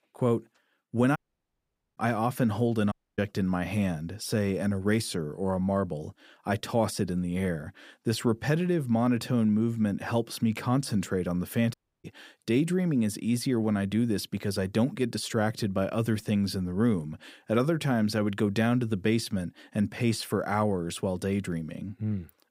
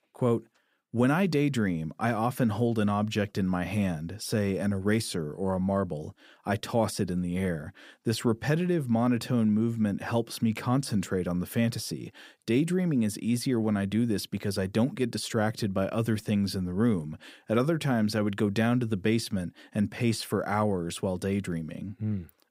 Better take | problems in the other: second | audio cutting out; at 1 s for 1 s, at 3 s and at 12 s

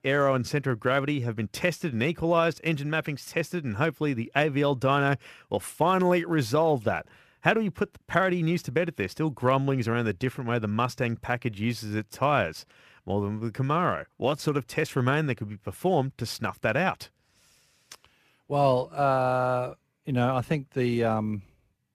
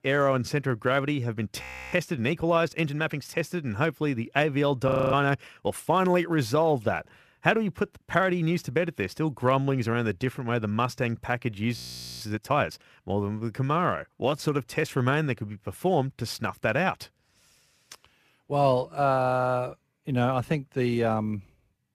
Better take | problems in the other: first | audio freezing; at 1.5 s, at 5 s and at 12 s

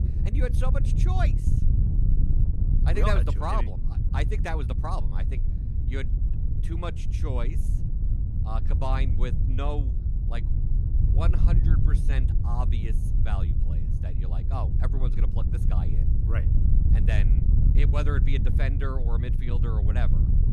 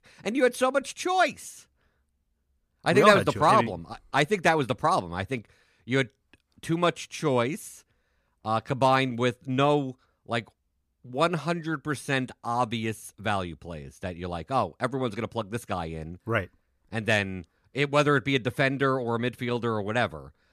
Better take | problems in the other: second | wind noise on the microphone; heavy; 5 dB below the speech

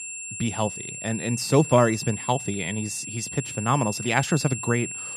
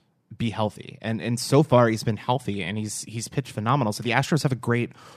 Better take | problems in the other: second | high-pitched whine; loud; throughout; 7.5 kHz, 7 dB below the speech

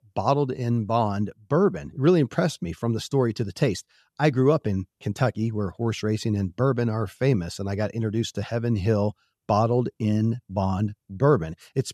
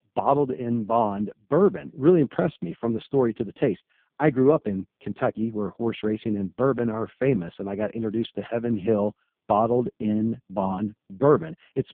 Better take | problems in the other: first | phone-call audio; poor line; nothing above 3.5 kHz

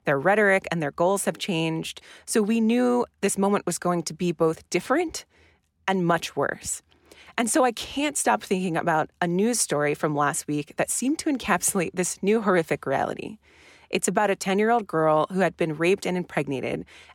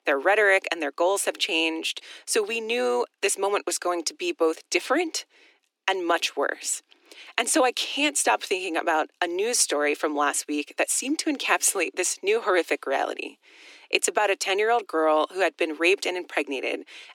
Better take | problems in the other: first | thin; somewhat; fading below 300 Hz

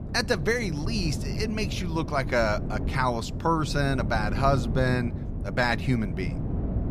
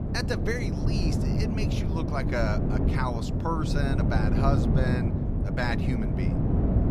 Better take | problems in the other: first | wind noise on the microphone; heavy; 2 dB below the speech; occasional gusts in the first

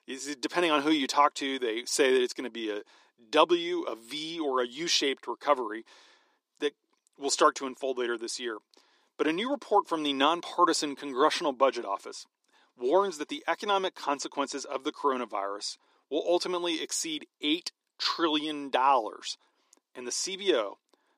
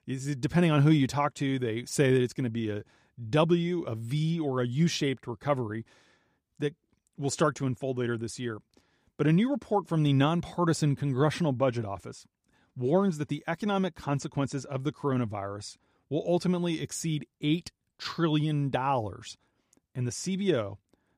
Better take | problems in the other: second | thin; very; fading below 300 Hz

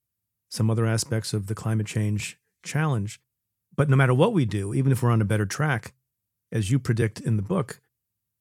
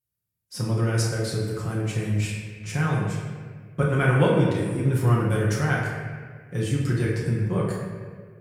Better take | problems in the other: first | off-mic speech; far // room echo; noticeable; dies away in 1.4 s

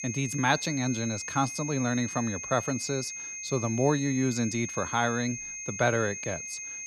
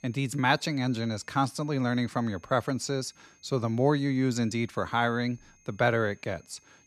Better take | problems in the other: second | high-pitched whine; loud; throughout; 6.5 kHz, 6 dB below the speech; faint in the second

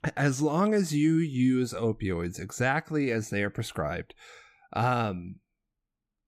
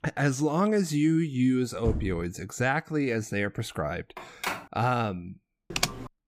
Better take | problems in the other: first | door banging; noticeable; at 2 s; peak 5 dB below the speech // phone ringing; noticeable; at 4 s; peak 6 dB below the speech // keyboard typing; noticeable; at 5.5 s; peak 1 dB below the speech

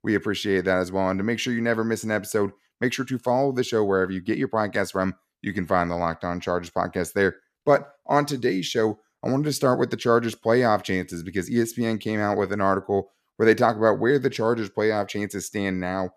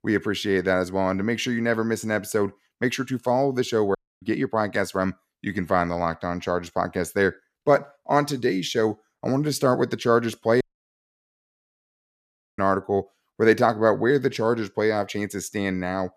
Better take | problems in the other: first | audio cutting out; at 4 s and at 11 s for 2 s

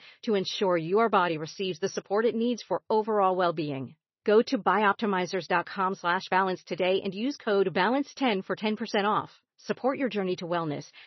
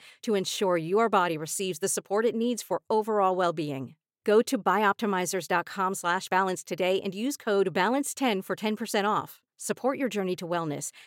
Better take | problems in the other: second | garbled, watery; slightly; nothing above 6 kHz

